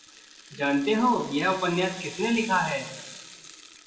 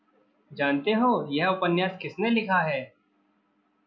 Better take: second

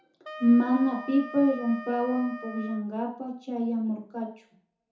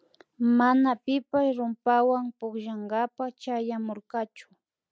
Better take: second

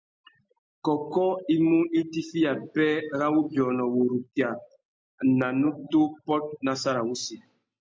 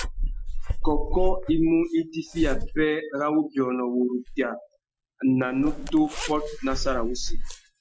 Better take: first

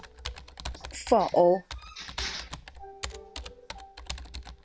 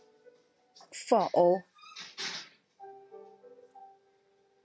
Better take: second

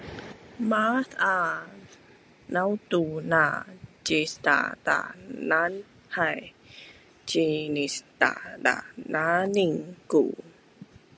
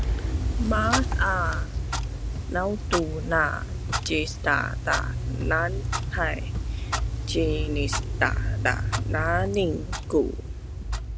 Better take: first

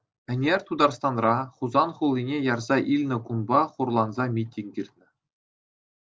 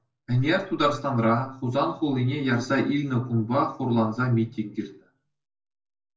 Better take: first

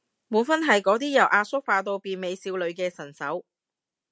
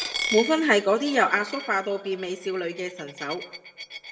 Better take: first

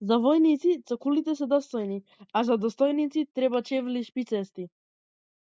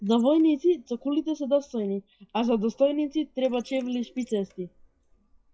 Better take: first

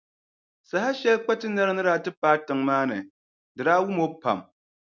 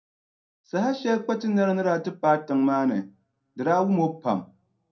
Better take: first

